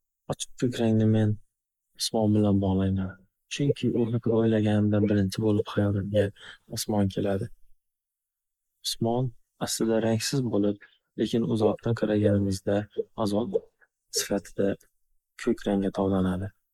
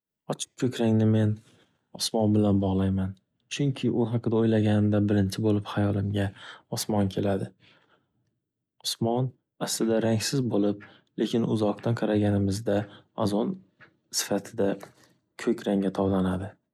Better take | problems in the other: second | noise reduction (neural mask model Resemble Enhance denoiser)

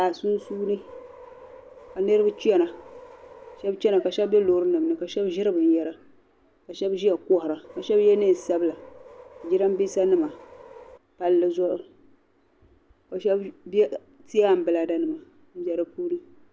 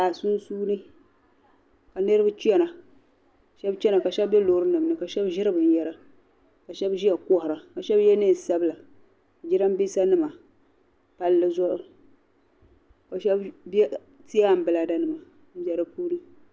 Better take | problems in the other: second | background sound (Subway, metro, underground); 20 dB below the speech

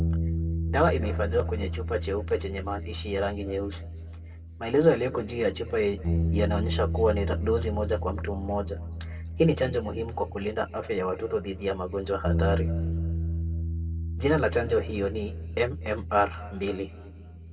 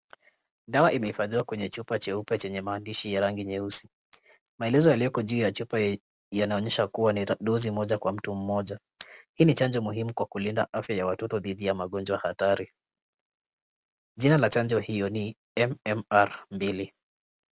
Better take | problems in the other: second | background sound (Bass guitar); 2 dB below the speech // room echo; dies away in 1.4 s

